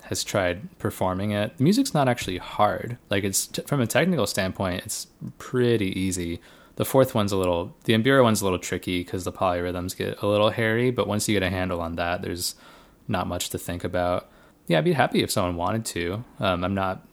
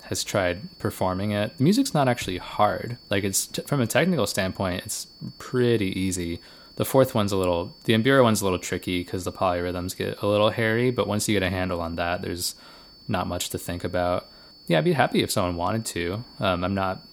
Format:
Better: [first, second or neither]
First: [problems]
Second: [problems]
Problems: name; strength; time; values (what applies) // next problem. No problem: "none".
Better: first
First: none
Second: high-pitched whine; faint; throughout; 4.5 kHz, 25 dB below the speech